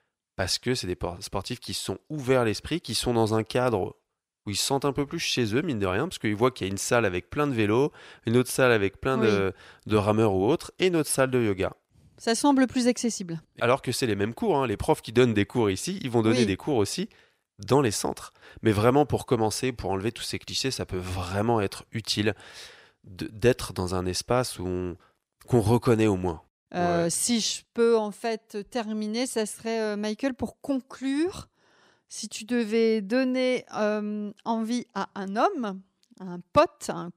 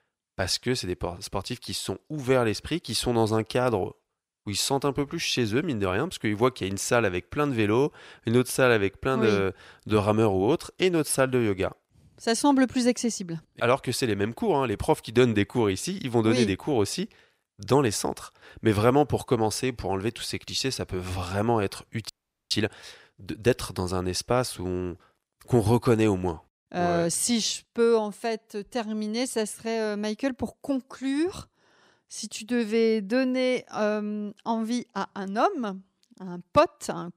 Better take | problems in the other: first | audio freezing; at 22 s

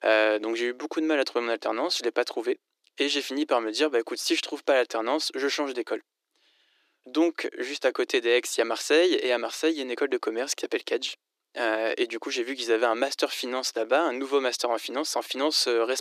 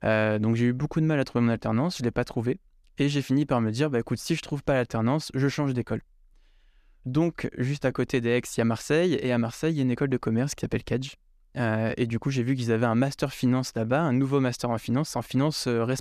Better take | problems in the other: second | thin; very; fading below 300 Hz

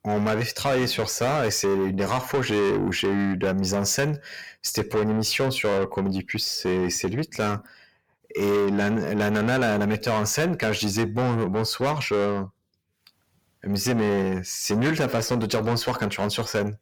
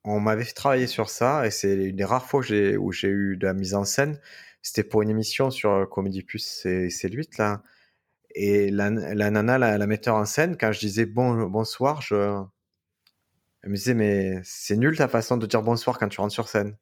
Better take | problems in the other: second | distortion; heavy; 6 dB below the speech

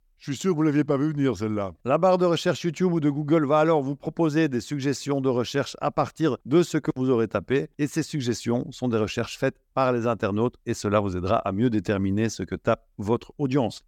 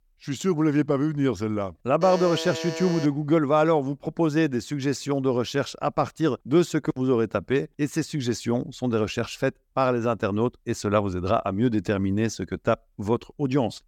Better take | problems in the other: first | alarm; noticeable; from 2 to 3 s; peak 8 dB below the speech

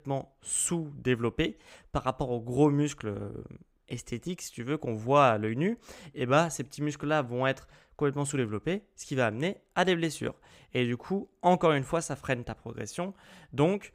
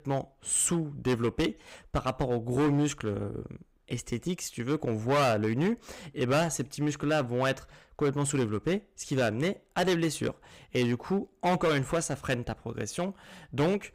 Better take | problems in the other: first | distortion; heavy; 7% of the sound clipped

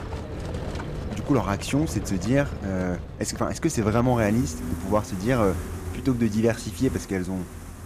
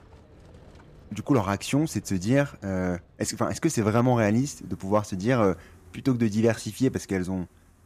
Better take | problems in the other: second | animal sounds; loud; throughout; 9 dB below the speech; faint in the second

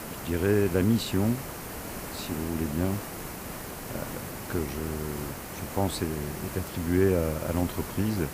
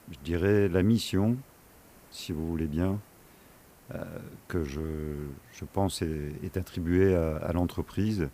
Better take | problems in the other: second | hiss; loud; throughout; 8 dB below the speech; faint in the second

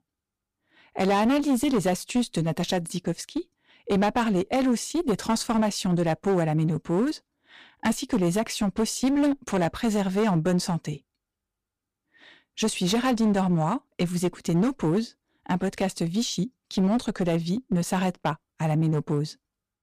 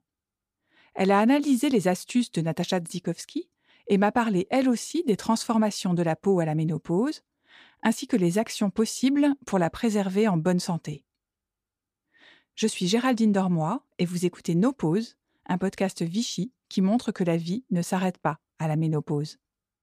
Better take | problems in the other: second | distortion; slight; 12% of the sound clipped

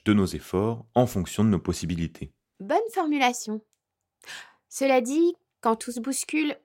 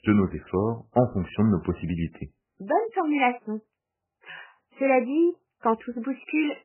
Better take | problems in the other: first | garbled, watery; badly; nothing above 2.5 kHz

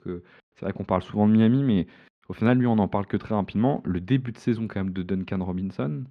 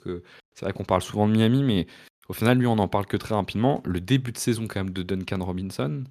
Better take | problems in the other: second | muffled; slightly; fading above 2.5 kHz

